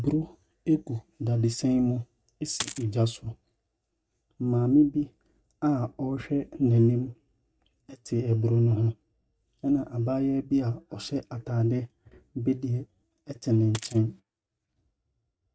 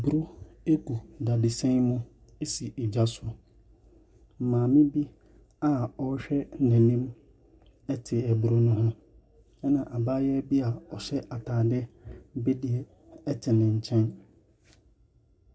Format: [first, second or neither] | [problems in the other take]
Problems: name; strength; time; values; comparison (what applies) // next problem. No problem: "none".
second | noise reduction (neural mask model RNNoise)